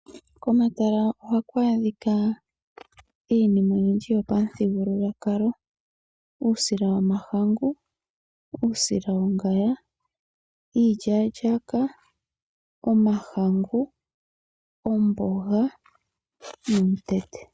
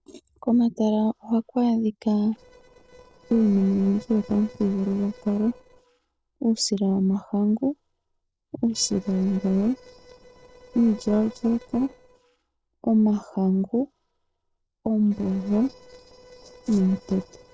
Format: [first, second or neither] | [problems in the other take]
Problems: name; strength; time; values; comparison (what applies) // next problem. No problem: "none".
first | noise reduction (neural separator model SepFormer DNS4)